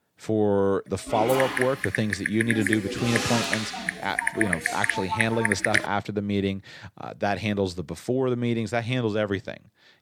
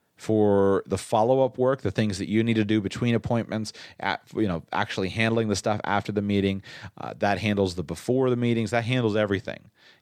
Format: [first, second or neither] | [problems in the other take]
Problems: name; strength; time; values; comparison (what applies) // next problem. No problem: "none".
second | keyboard typing; loud; from 1 to 6 s; peak 4 dB above the speech